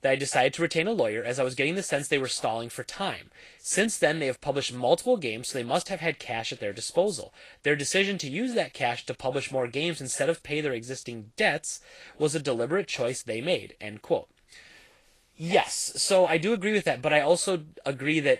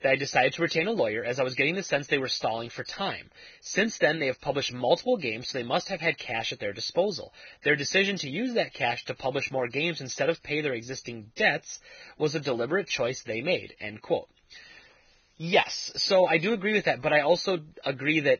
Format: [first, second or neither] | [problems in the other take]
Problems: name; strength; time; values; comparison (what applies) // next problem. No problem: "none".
first | garbled, watery; badly; nothing above 6.5 kHz; slightly in the first